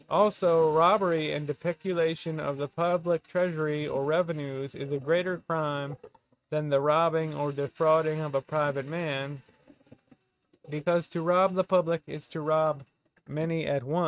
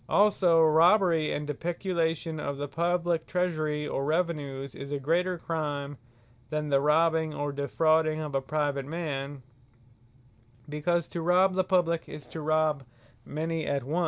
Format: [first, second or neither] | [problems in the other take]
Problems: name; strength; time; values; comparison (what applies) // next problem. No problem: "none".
second | noise reduction (neural mask model RNNoise)